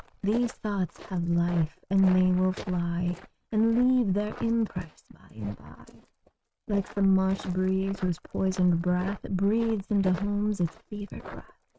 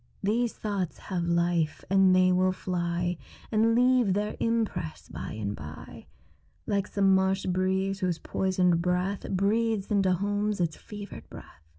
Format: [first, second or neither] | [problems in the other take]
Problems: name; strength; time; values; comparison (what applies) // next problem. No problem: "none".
second | noise reduction (neural mask model RNNoise)